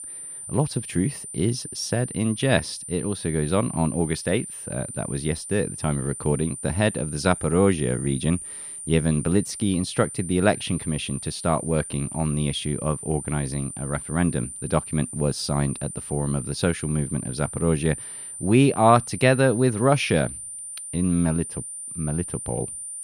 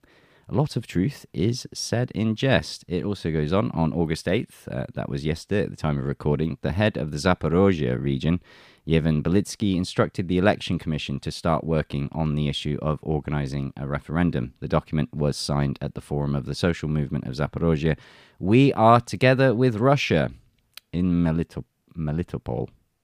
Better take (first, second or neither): second